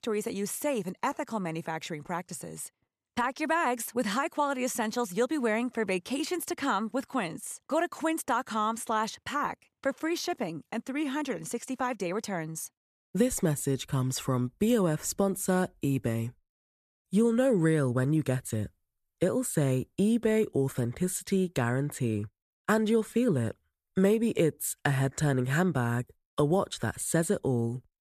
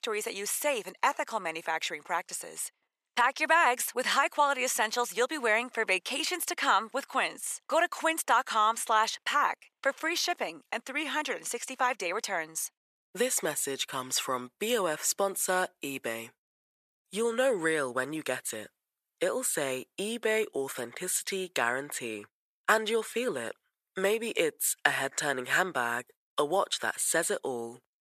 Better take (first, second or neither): first